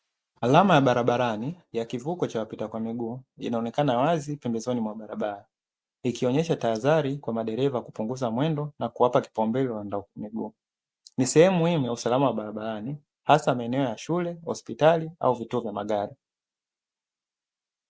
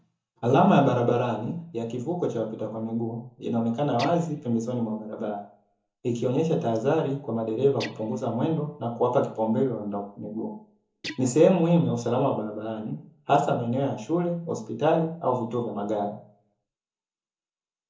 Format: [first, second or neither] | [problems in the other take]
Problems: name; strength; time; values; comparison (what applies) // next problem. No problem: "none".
first | background sound (Guitar); 18 dB below the speech // room echo; dies away in 0.6 s